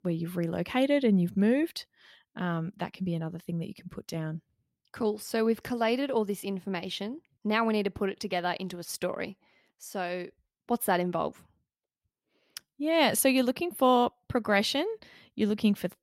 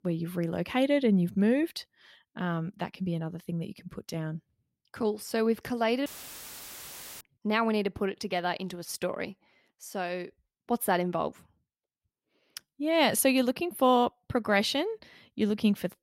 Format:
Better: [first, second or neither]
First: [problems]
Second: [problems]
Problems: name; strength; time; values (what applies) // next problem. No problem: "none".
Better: first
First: none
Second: audio cutting out; filled with static; at 6 s for 1 s